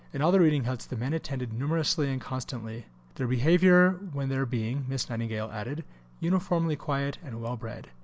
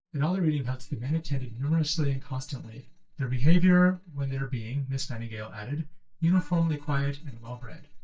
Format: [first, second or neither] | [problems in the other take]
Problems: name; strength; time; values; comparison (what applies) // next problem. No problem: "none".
first | noise reduction (neural mask model DeepFilterNet 3)